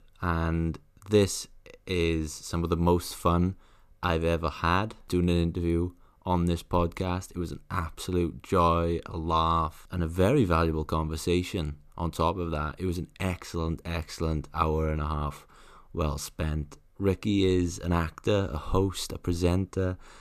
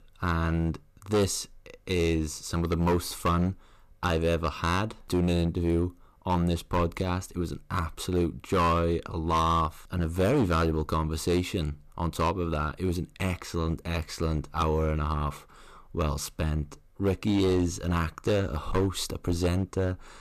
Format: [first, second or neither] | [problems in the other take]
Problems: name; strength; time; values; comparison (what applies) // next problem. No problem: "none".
first | distortion; slight; 7% of the sound clipped